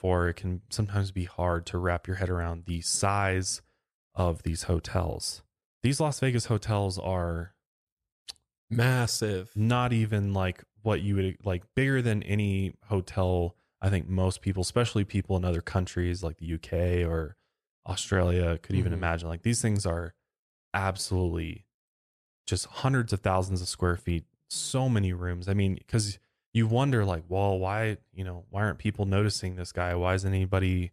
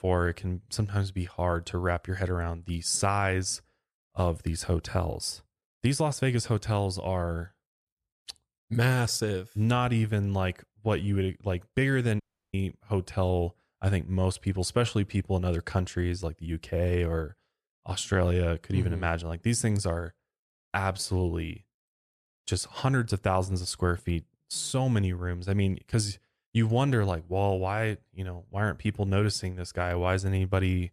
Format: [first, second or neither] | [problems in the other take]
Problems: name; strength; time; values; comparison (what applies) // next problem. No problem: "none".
first | audio cutting out; at 12 s